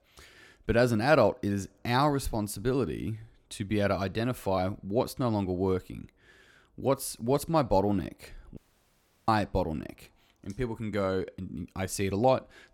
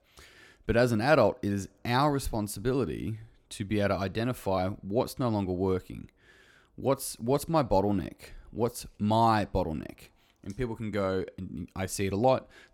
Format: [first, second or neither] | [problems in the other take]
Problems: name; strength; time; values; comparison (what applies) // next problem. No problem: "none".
second | audio cutting out; at 8.5 s for 0.5 s